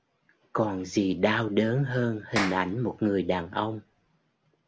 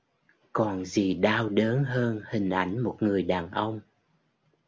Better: second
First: background sound (Clapping); 9 dB below the speech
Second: none

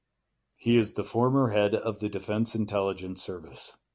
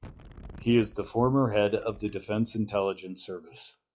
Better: first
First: none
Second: noise reduction (classical method log-MMSE)

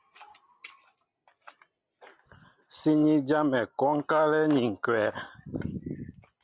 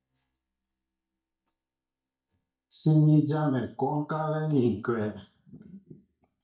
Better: first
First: none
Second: noise reduction (neural mask model DeepFilterNet 3)

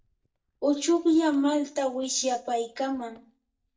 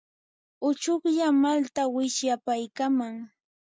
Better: second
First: noise reduction (neural mask model DeepFilterNet 3)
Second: none

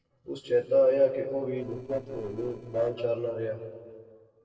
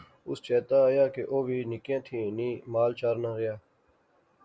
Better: second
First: noise reduction (neural separator model SepFormer DNS4)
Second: none

